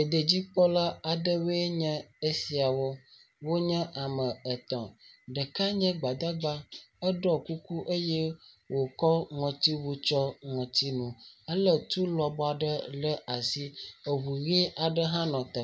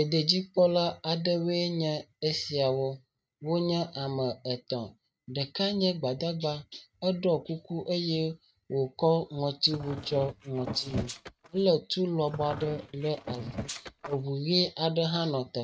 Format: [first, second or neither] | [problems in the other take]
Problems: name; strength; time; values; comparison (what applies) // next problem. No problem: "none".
first | noise reduction (neural mask model RNNoise)